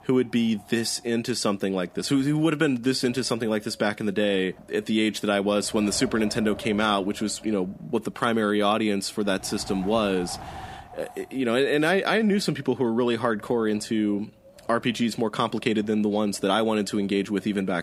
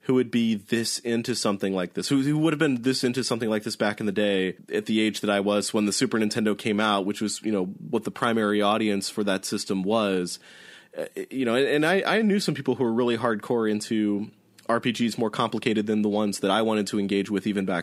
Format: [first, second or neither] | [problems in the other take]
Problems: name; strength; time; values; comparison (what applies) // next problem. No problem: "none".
second | wind noise on the microphone; occasional gusts; 20 dB below the speech